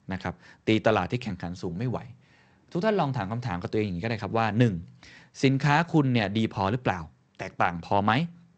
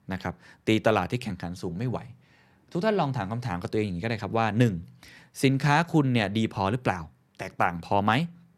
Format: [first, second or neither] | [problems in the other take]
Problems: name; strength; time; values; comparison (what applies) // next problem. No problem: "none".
second | garbled, watery; slightly; nothing above 8 kHz